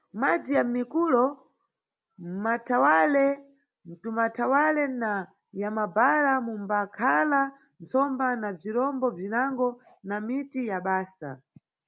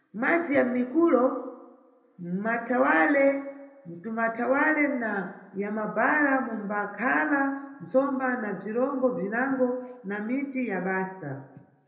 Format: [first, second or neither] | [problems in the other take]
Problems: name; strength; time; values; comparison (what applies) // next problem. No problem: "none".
first | room echo; dies away in 0.7 s